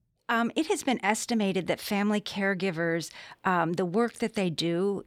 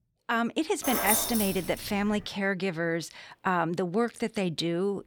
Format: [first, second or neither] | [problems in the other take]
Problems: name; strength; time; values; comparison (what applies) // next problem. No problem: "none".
first | jangling keys; loud; from 1 to 2 s; peak 4 dB above the speech